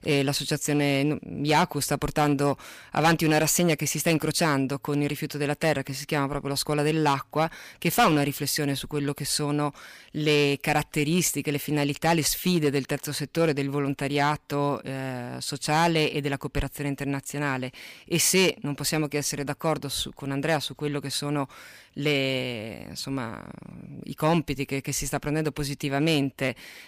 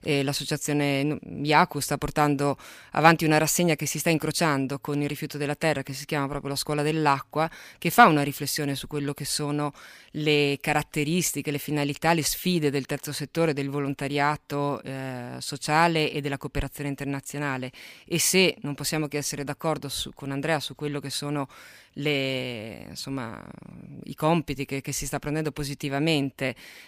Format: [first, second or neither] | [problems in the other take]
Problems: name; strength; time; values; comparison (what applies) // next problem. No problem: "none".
second | distortion; slight; 2% of the sound clipped